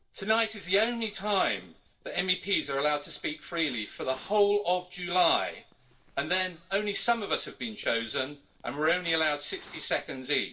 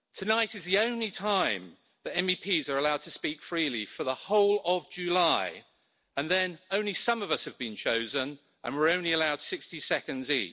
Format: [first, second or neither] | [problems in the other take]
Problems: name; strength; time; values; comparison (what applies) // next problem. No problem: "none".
second | noise reduction (neural separator model SepFormer DNS4)